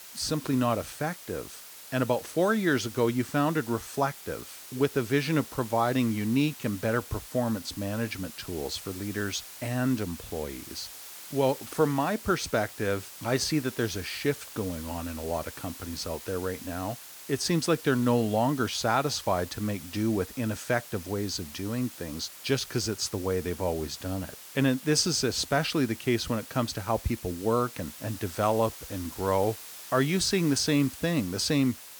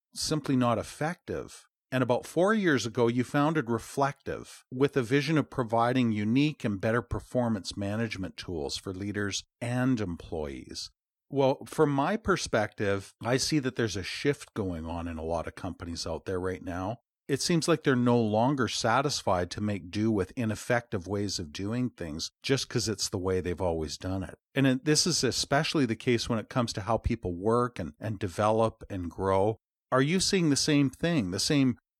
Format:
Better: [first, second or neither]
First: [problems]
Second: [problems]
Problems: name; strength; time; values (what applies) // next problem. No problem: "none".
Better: second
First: hiss; noticeable; throughout; 15 dB below the speech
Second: none